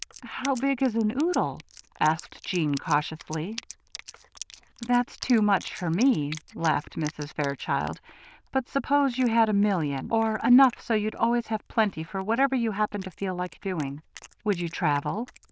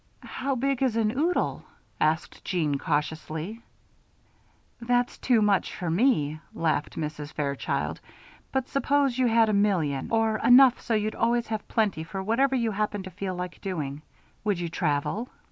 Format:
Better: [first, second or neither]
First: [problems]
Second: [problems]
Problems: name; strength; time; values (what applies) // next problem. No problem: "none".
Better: second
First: noise reduction (neural diffusion model UNIVERSE++)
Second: none